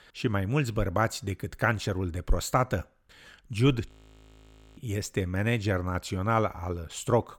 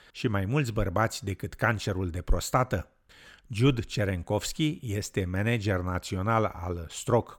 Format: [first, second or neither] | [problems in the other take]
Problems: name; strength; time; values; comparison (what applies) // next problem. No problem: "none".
second | audio freezing; at 4 s for 1 s